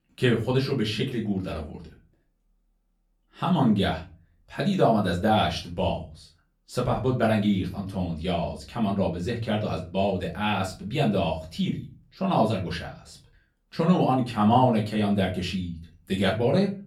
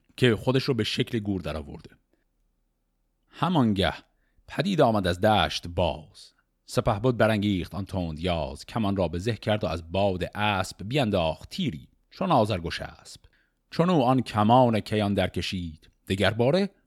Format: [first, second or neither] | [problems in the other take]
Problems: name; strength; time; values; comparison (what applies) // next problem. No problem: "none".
second | off-mic speech; far // room echo; very slight; dies away in 0.3 s